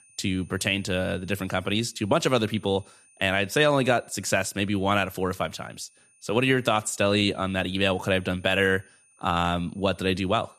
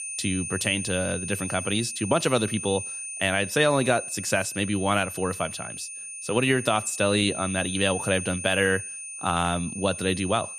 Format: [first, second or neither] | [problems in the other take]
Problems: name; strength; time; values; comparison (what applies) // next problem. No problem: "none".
first | high-pitched whine; loud; throughout; 9 kHz, 7 dB below the speech; faint in the first